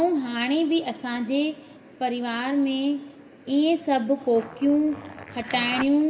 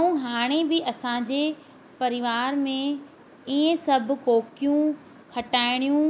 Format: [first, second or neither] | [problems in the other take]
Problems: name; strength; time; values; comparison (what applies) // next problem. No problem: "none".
second | background sound (Zipper (clothing)); 14 dB below the speech // room echo; dies away in 1 s